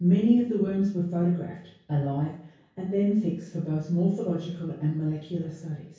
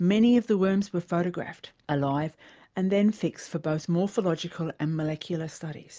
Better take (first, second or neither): second